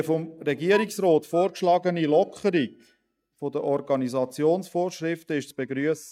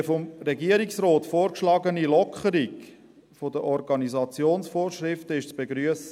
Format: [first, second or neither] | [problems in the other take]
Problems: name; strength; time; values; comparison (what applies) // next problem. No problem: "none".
second | noise reduction (neural mask model DeepFilterNet 3)